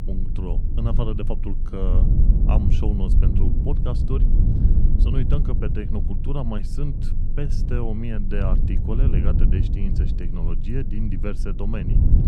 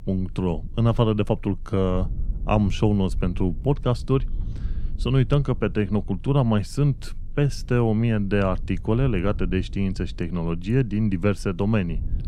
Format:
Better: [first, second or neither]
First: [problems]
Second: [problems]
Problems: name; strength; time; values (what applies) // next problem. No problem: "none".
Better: second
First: low rumble; loud; throughout; 3 dB below the speech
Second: low rumble; faint; throughout; 25 dB below the speech